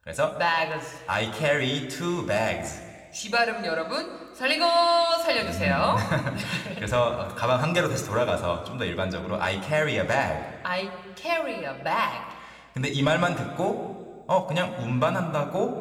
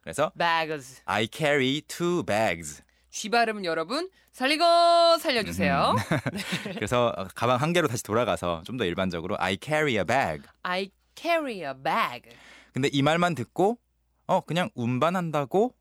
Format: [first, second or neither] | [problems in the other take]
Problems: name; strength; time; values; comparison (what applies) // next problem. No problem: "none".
second | room echo; slight; dies away in 1.6 s